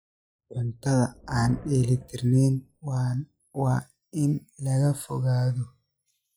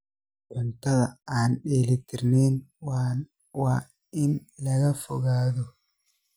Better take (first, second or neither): second